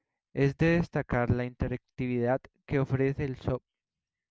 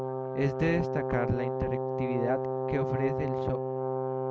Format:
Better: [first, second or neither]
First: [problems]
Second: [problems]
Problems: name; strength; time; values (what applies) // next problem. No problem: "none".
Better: first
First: none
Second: background sound (Brass instrument); 1 dB above the speech